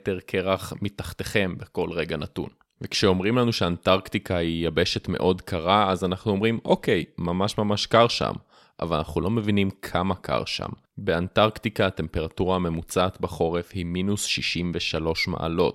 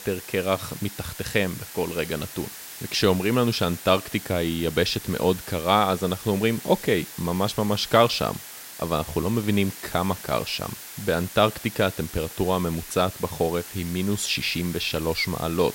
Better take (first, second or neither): first